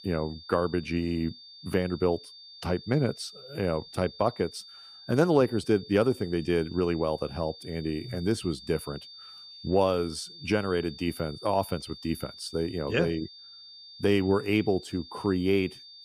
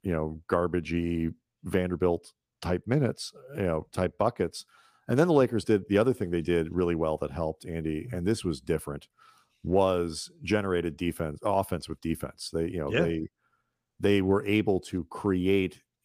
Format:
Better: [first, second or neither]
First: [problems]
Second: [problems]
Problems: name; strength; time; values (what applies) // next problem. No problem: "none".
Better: second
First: high-pitched whine; noticeable; throughout; 4.5 kHz, 15 dB below the speech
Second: none